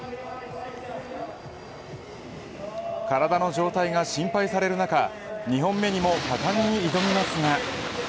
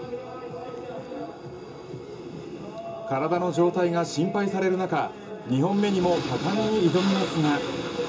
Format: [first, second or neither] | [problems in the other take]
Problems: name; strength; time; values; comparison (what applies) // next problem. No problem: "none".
first | room echo; dies away in 0.2 s